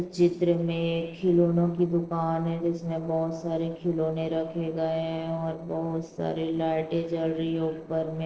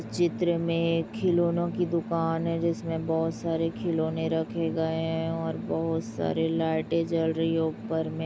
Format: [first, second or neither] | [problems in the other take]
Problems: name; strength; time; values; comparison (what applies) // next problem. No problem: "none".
second | noise reduction (neural separator model SepFormer DNS4)